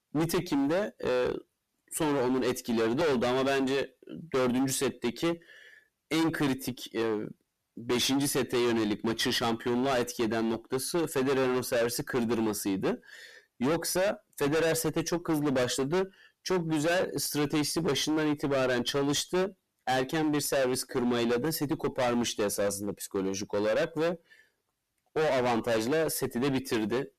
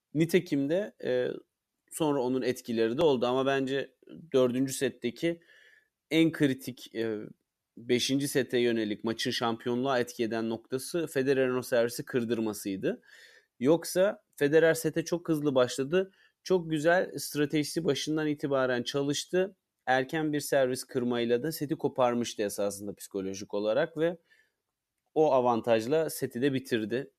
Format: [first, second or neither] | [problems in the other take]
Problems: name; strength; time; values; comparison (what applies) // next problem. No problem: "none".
second | distortion; heavy; 21% of the sound clipped